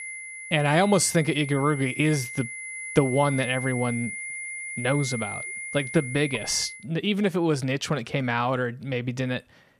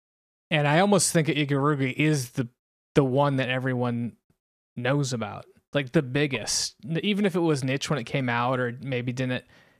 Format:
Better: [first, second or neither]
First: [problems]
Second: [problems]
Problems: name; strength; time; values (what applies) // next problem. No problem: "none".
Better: second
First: high-pitched whine; loud; until 7 s; 2 kHz, 8 dB below the speech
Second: none